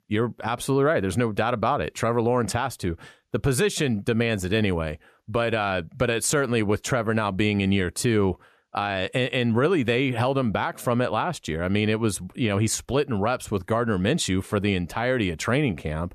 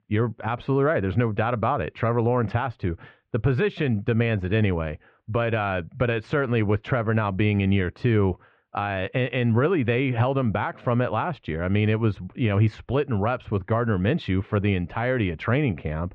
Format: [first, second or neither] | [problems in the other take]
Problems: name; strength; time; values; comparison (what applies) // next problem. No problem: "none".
first | muffled; very; fading above 3 kHz